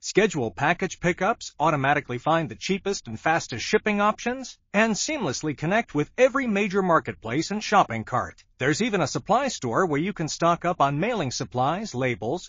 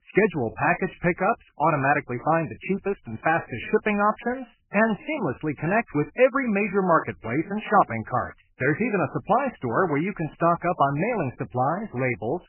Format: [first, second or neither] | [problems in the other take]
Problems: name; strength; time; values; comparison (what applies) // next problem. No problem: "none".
first | garbled, watery; badly; nothing above 2.5 kHz; slightly in the first